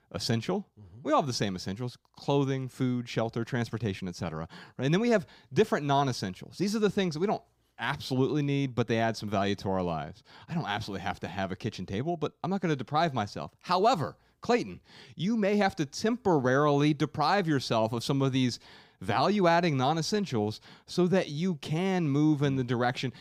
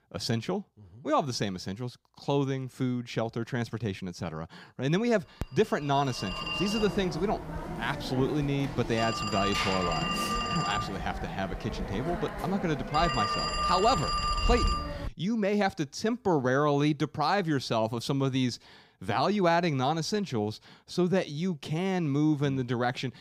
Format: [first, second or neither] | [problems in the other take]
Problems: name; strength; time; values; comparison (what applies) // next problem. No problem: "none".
first | phone ringing; loud; from 5.5 to 15 s; peak 2 dB above the speech